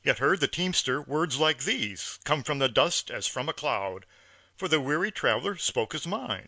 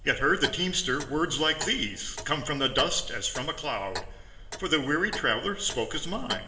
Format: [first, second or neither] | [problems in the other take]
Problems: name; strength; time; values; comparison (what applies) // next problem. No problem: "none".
first | background sound (Clock); 10 dB below the speech // room echo; dies away in 1.1 s